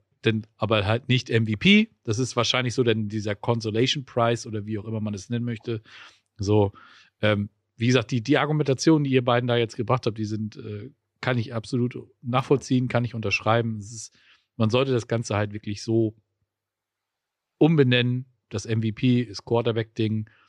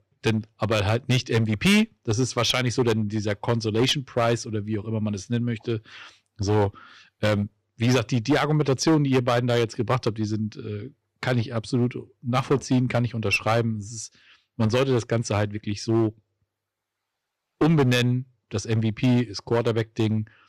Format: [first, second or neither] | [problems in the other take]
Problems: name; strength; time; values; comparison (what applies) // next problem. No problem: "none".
first | distortion; slight; 7% of the sound clipped